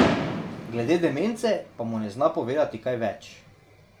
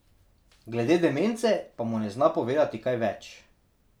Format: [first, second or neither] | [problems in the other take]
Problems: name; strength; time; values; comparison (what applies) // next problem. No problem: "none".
second | background sound (Fireworks); 4 dB below the speech